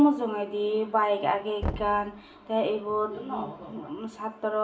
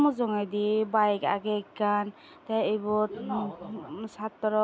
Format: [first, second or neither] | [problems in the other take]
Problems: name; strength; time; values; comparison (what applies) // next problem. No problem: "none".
second | background sound (Knock); 12 dB below the speech // room echo; dies away in 0.5 s